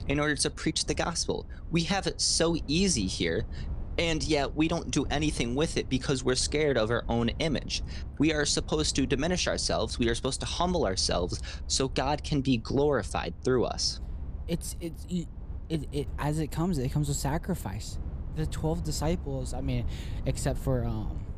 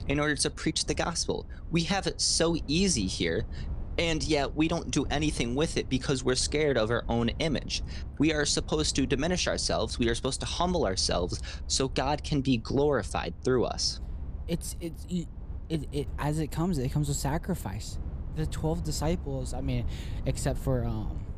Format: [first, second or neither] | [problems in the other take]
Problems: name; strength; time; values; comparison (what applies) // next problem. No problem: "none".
neither | low rumble; faint; throughout; 25 dB below the speech; the same in both